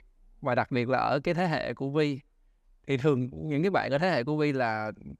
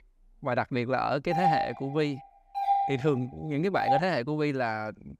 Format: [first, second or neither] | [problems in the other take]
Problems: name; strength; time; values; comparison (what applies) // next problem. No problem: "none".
first | doorbell; loud; from 1.5 to 4 s; peak 3 dB above the speech